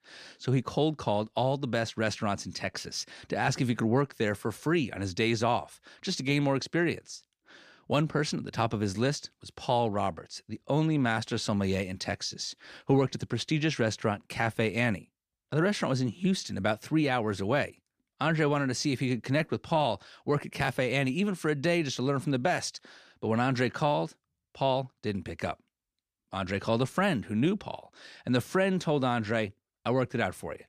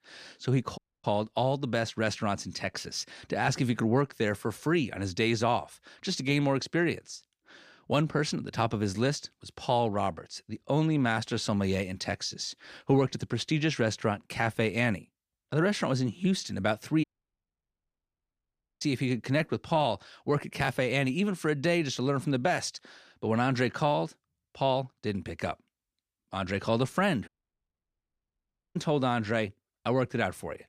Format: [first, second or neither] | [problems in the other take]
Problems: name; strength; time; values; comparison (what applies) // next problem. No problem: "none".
first | audio cutting out; at 1 s, at 17 s for 2 s and at 27 s for 1.5 s